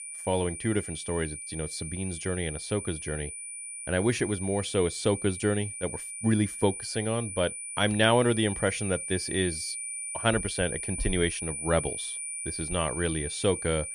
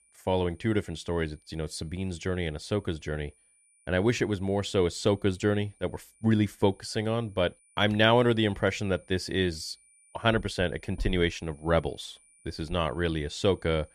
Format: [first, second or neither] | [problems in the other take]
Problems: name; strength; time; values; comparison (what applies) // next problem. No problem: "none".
second | high-pitched whine; loud; throughout; 9.5 kHz, 6 dB below the speech; faint in the second